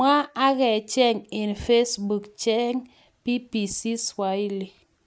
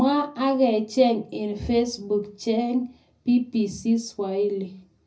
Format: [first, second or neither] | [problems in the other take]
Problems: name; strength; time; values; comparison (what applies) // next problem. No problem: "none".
first | room echo; dies away in 0.4 s